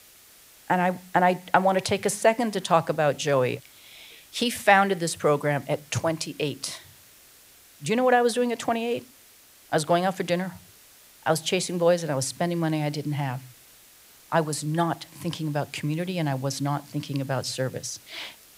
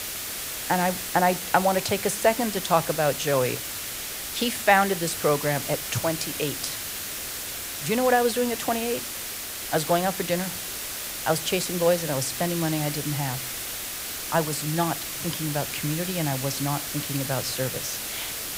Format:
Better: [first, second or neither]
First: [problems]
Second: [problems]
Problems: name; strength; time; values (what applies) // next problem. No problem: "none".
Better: first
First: hiss; faint; throughout; 25 dB below the speech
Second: hiss; loud; throughout; 4 dB below the speech